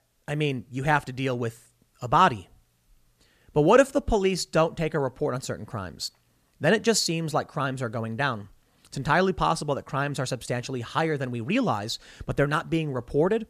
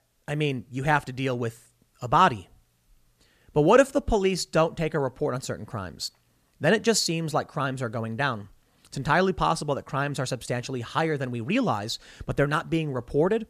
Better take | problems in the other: neither | none

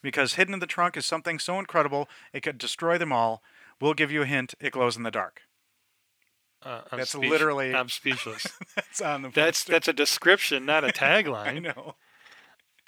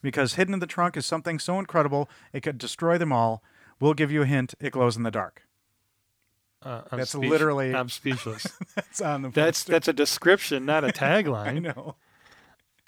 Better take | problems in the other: second | thin; very slightly; fading below 400 Hz

